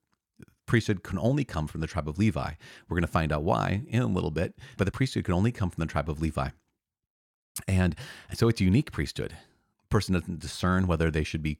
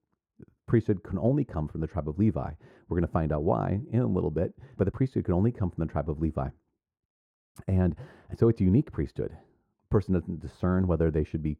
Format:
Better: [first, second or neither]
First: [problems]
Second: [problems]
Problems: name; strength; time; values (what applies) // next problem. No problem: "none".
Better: first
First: none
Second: muffled; very; fading above 1.5 kHz